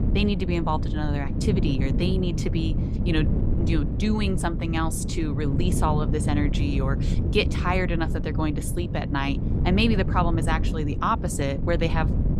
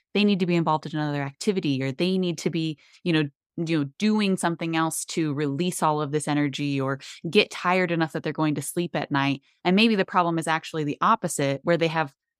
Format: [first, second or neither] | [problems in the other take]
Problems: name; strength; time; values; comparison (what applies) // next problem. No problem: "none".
second | wind noise on the microphone; heavy; 8 dB below the speech